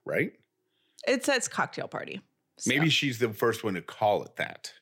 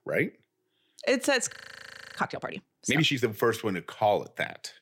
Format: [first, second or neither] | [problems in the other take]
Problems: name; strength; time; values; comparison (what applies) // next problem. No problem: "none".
first | audio freezing; at 1.5 s for 0.5 s